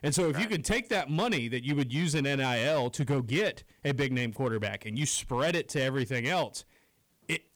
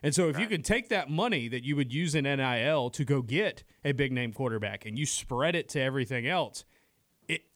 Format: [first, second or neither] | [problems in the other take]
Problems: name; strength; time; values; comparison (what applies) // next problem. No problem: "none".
second | distortion; slight; 8% of the sound clipped